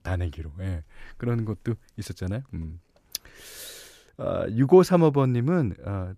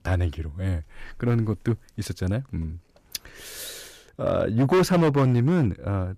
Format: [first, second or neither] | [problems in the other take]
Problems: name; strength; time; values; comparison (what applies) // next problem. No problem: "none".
first | distortion; heavy; 5% of the sound clipped